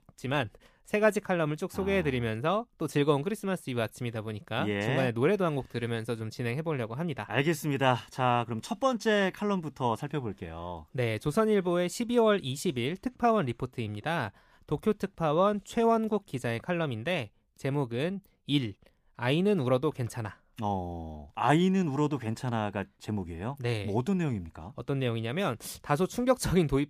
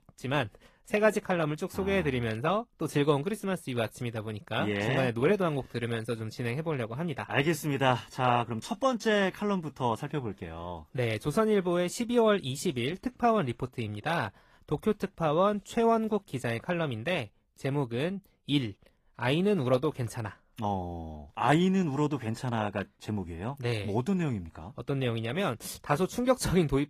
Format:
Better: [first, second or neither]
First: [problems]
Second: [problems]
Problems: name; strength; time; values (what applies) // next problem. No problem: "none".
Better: first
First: none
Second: garbled, watery; slightly; nothing above 15 kHz